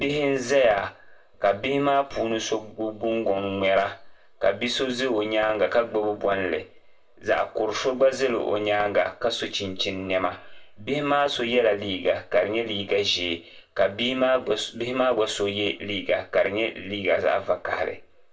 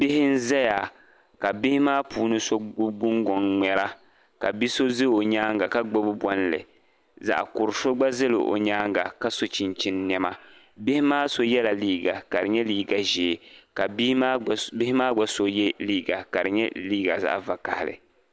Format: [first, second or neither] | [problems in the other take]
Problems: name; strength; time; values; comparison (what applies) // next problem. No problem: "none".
second | room echo; dies away in 0.2 s